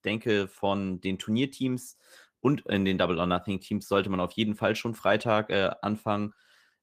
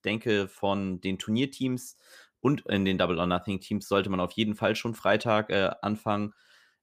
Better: second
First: garbled, watery; slightly; nothing above 15 kHz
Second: none

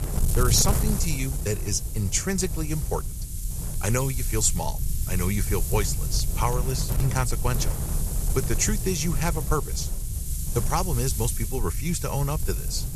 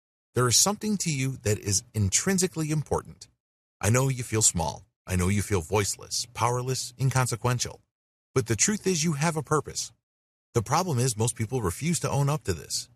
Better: second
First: wind noise on the microphone; heavy; 8 dB below the speech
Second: none

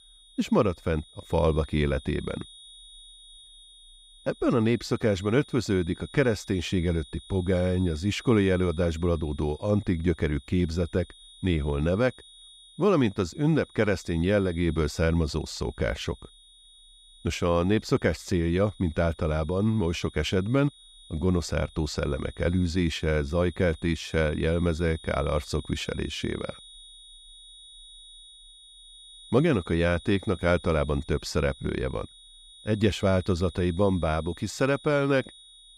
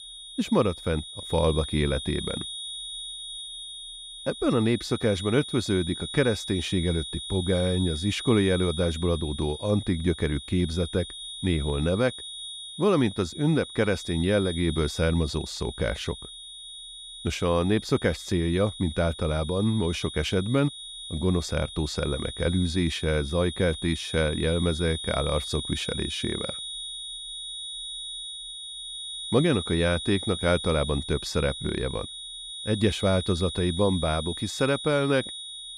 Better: first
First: high-pitched whine; faint; throughout; 3.5 kHz, 20 dB below the speech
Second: high-pitched whine; loud; throughout; 3.5 kHz, 9 dB below the speech

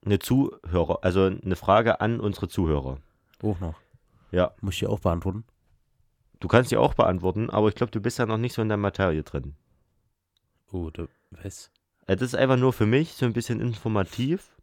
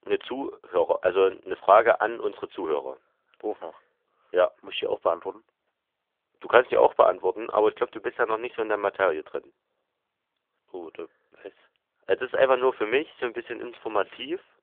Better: first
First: none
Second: phone-call audio; nothing above 3.5 kHz

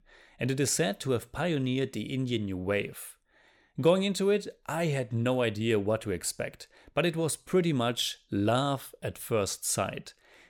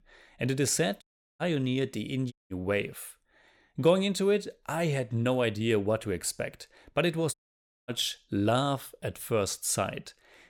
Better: first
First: none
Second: audio cutting out; at 1 s, at 2.5 s and at 7.5 s for 0.5 s

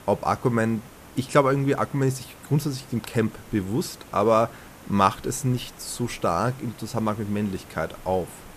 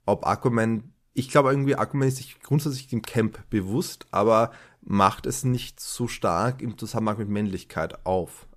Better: second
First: hiss; faint; throughout; 20 dB below the speech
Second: none

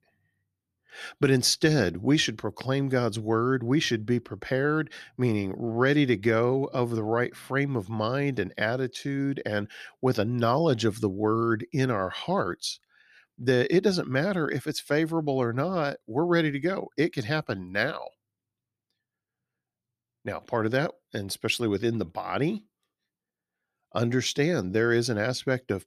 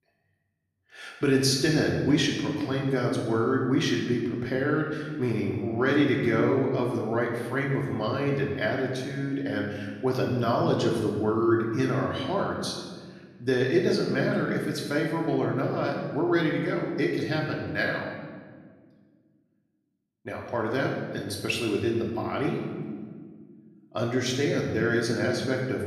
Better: first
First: none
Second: room echo; noticeable; dies away in 1.4 s // off-mic speech; far

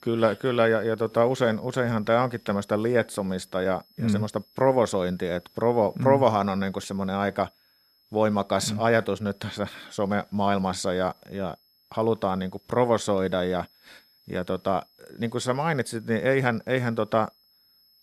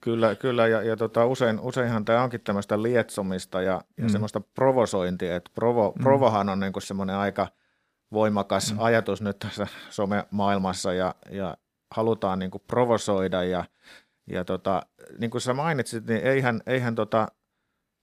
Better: second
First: high-pitched whine; faint; throughout; 5 kHz, 35 dB below the speech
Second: none

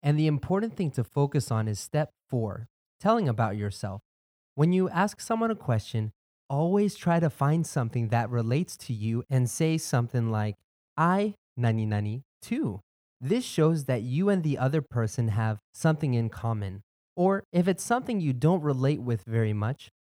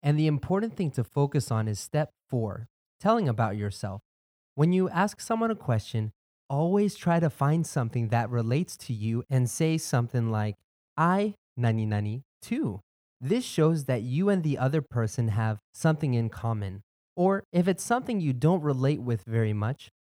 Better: neither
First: none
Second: none

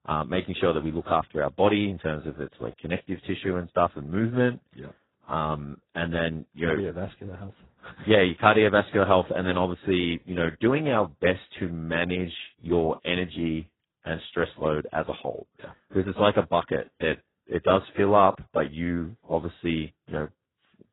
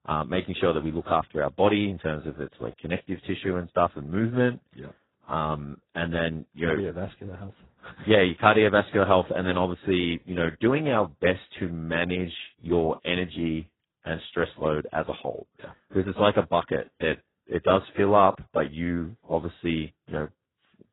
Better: neither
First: garbled, watery; badly; nothing above 3.5 kHz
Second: garbled, watery; badly; nothing above 3.5 kHz

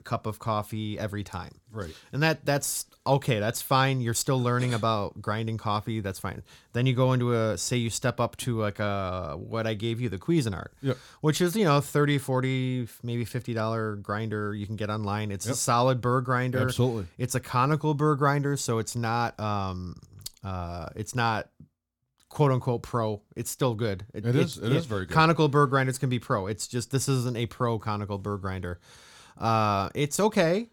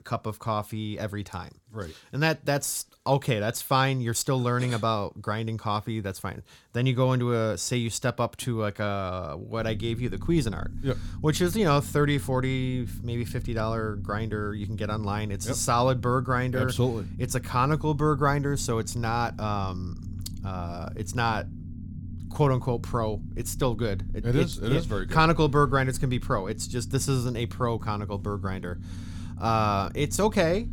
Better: first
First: none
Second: low rumble; faint; from 9.5 s on; 20 dB below the speech

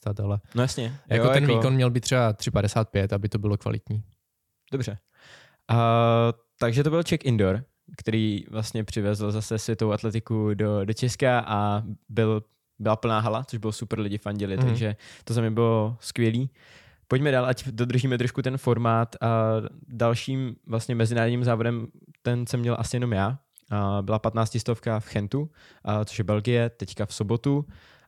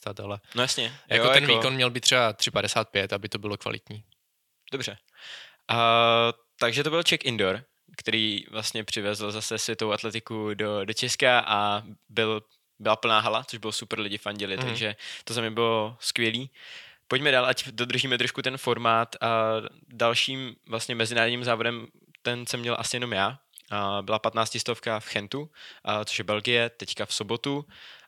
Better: first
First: none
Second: thin; somewhat; fading below 800 Hz

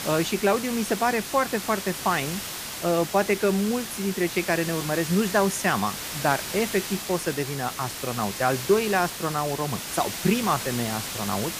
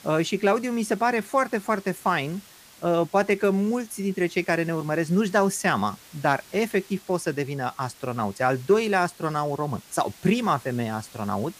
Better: second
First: hiss; loud; throughout; 6 dB below the speech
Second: hiss; faint; throughout; 25 dB below the speech

